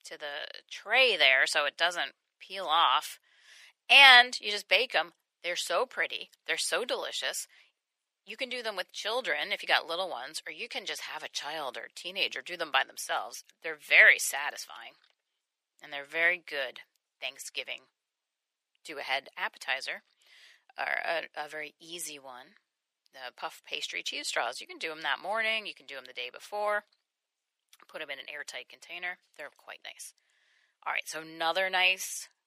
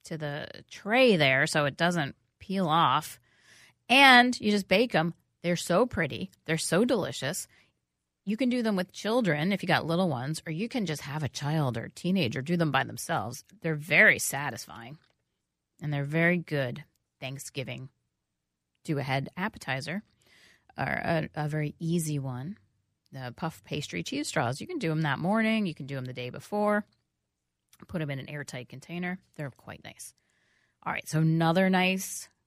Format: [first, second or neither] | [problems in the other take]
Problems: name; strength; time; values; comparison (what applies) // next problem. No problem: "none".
second | thin; very; fading below 550 Hz